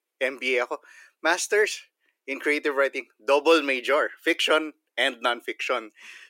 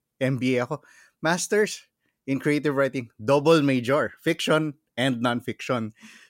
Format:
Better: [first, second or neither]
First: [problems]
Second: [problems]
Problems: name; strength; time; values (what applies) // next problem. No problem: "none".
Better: second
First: thin; somewhat; fading below 350 Hz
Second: none